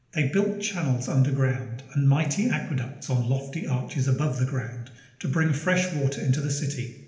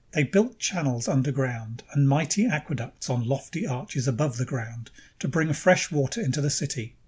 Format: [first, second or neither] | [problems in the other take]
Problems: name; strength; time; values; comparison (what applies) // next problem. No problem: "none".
second | room echo; dies away in 0.9 s